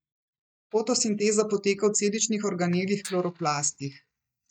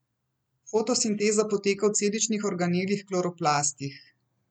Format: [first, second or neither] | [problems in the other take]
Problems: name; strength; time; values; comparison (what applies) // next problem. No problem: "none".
second | noise reduction (neural mask model DeepFilterNet 3)